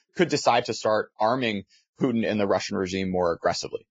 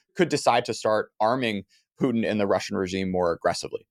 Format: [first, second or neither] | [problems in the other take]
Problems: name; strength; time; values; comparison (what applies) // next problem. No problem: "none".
second | garbled, watery; badly; nothing above 7.5 kHz